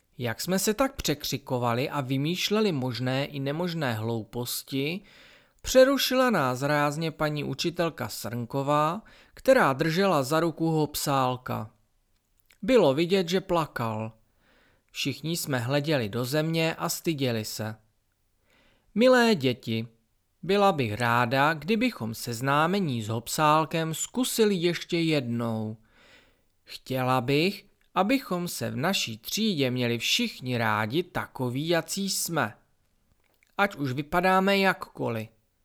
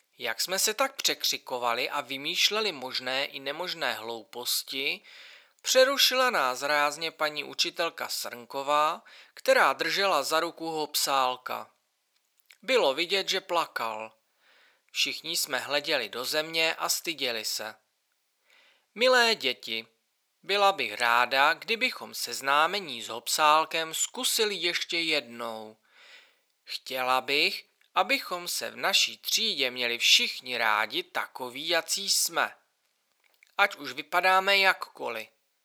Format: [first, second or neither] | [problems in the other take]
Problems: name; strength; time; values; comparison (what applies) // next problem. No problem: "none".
first | thin; very; fading below 600 Hz